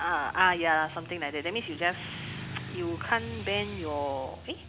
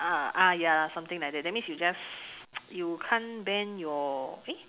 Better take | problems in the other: second | background sound (Motorcycle / Traffic noise, roadway noise); 12 dB below the speech

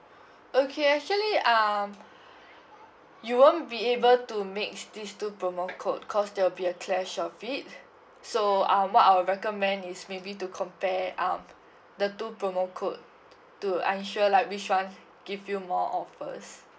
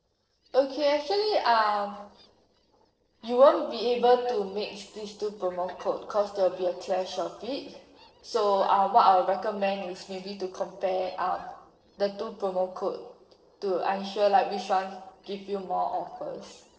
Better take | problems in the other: first | noise reduction (neural separator model SepFormer DNS4)

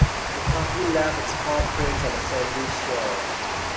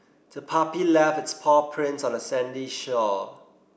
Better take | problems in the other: second | background sound (Water); 4 dB above the speech // room echo; dies away in 2.4 s

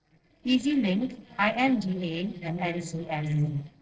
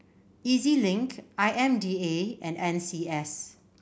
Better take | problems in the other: second | noise reduction (neural separator model SepFormer DNS4)

